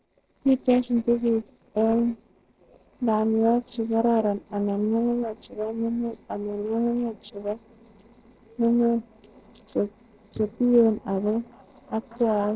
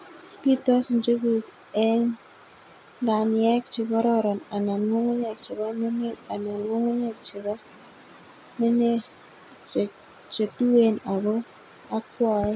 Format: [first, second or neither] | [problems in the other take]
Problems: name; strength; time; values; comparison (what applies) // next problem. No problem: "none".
second | noise reduction (neural separator model SepFormer DNS4)